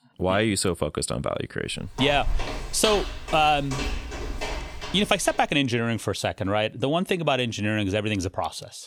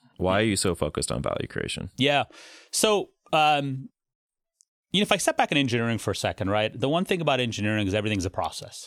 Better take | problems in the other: second | footsteps; noticeable; from 2 to 5.5 s; peak 5 dB below the speech

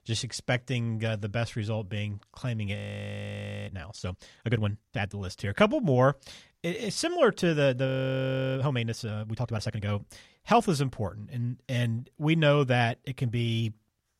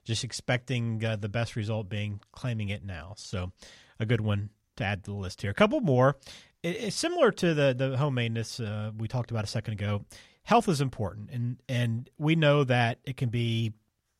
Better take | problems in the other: second | audio freezing; at 3 s for 1 s and at 8 s for 0.5 s

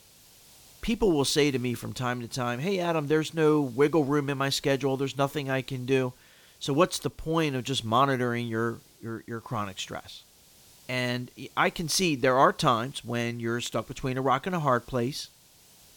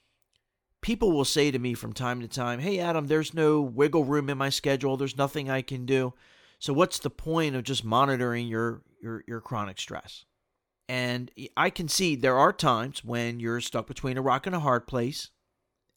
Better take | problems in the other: second | hiss; faint; throughout; 25 dB below the speech

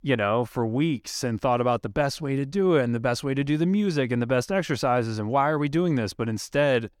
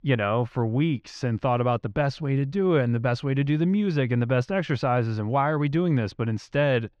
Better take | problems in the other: first | muffled; very slightly; fading above 3 kHz

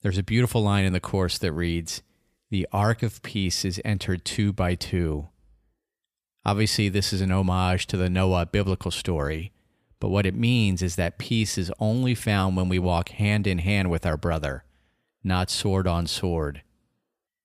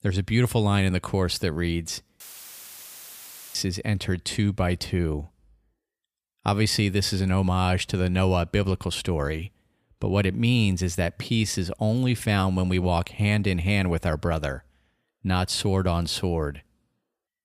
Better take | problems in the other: first | audio cutting out; filled with static; at 2 s for 1.5 s

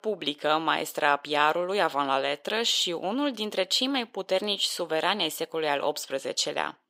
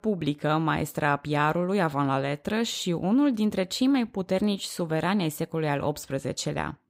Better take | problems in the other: second | thin; somewhat; fading below 500 Hz

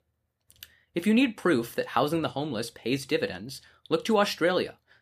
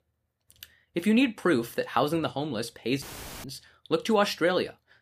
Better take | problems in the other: first | audio cutting out; filled with static; at 3 s

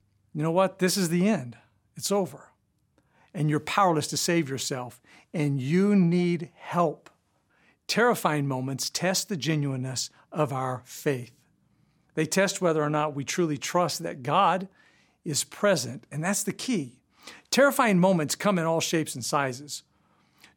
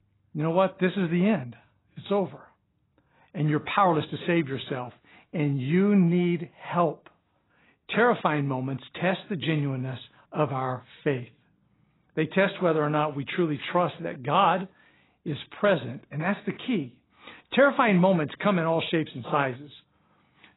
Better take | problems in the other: first | garbled, watery; badly; nothing above 4 kHz

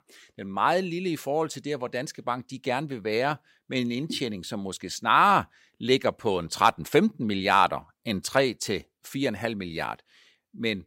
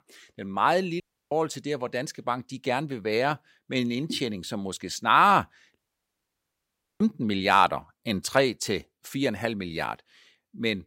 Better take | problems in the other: first | audio cutting out; at 1 s and at 6 s for 1 s

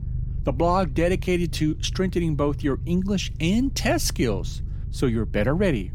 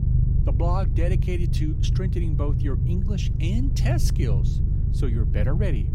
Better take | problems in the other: first | low rumble; loud; throughout; 4 dB below the speech; faint in the first

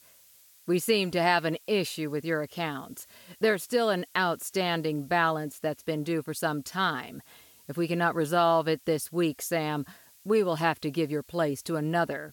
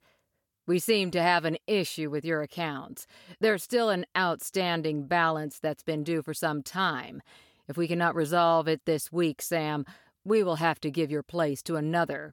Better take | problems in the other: second | hiss; faint; throughout; 25 dB below the speech

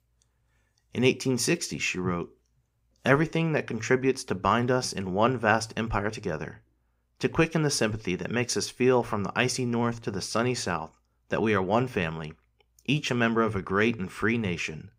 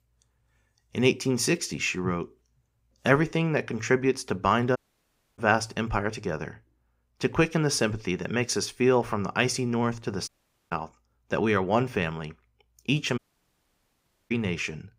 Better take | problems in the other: first | audio cutting out; at 5 s for 0.5 s, at 10 s and at 13 s for 1 s

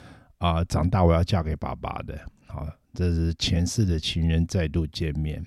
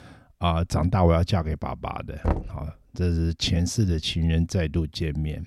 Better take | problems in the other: first | door banging; noticeable; at 2 s; peak 4 dB below the speech

